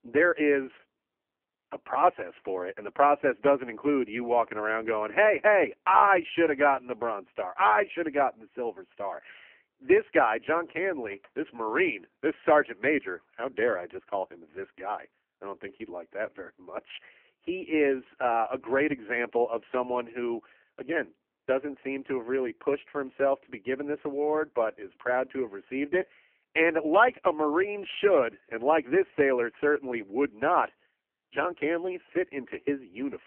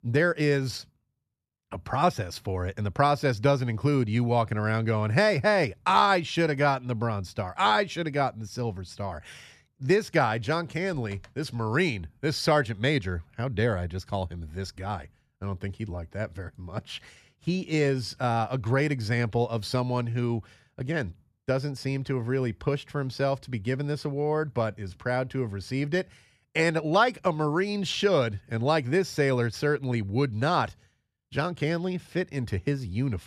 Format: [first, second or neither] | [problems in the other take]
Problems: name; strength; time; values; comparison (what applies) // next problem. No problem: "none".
second | phone-call audio; poor line